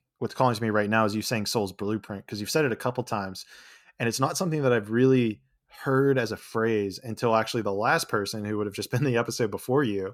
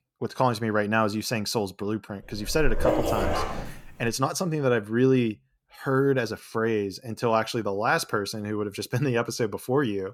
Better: first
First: none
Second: dog barking; loud; from 2.5 to 4 s; peak 1 dB above the speech

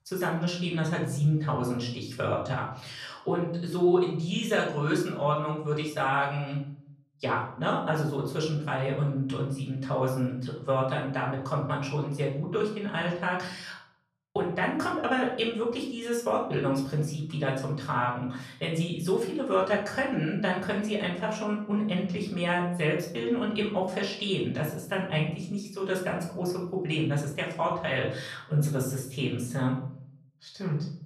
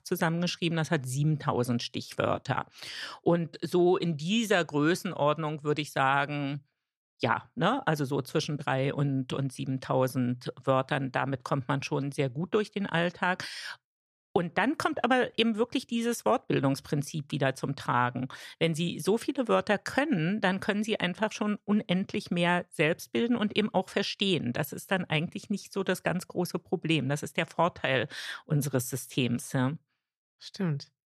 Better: second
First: off-mic speech; far // room echo; slight; dies away in 0.6 s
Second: none

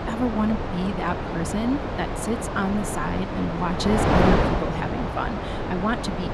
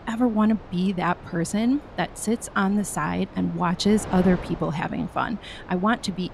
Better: second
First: wind noise on the microphone; heavy; 2 dB above the speech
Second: wind noise on the microphone; occasional gusts; 15 dB below the speech

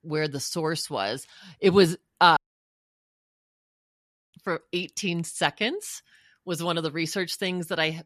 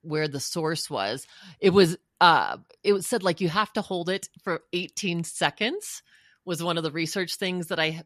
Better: second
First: audio cutting out; at 2.5 s for 2 s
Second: none

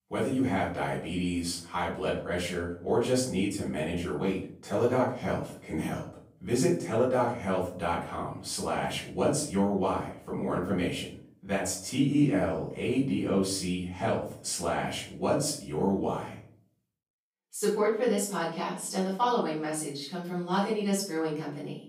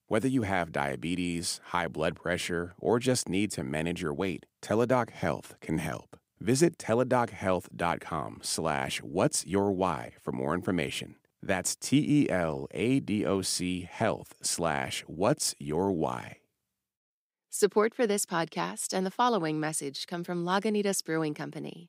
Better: second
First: off-mic speech; far // room echo; noticeable; dies away in 0.4 s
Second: none

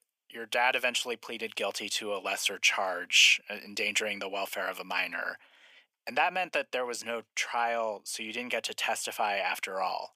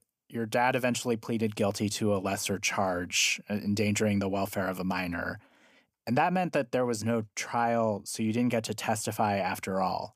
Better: second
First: thin; very; fading below 550 Hz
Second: none

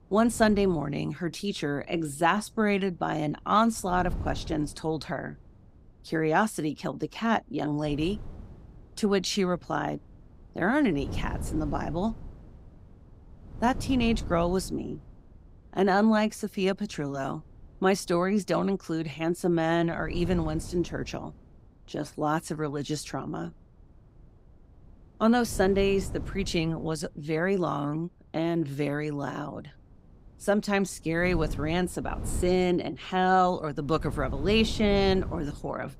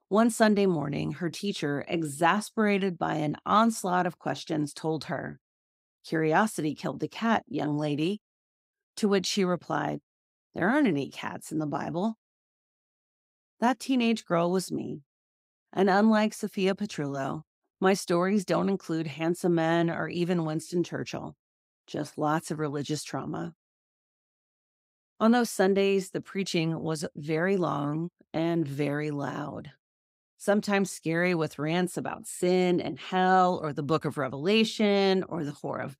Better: second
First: wind noise on the microphone; occasional gusts; 20 dB below the speech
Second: none

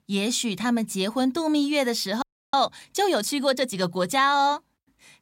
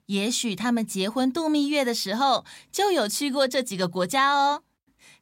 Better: second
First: audio freezing; at 2 s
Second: none

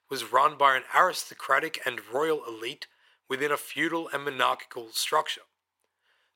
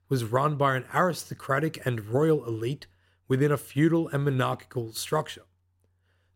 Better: second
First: thin; very; fading below 600 Hz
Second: none

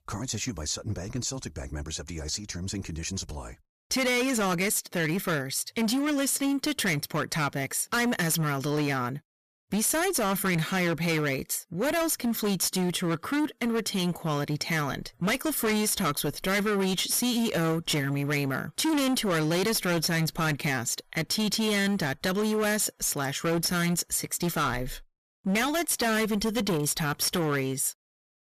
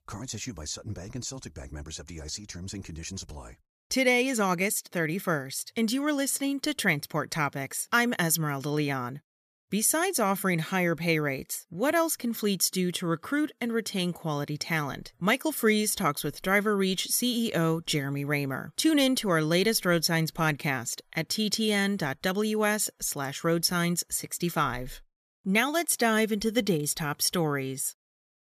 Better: second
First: distortion; heavy; 19% of the sound clipped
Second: none

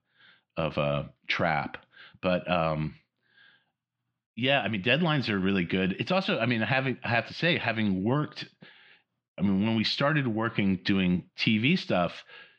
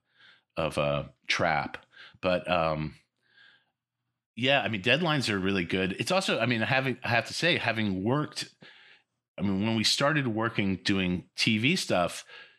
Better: second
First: muffled; very slightly; fading above 4 kHz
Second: none

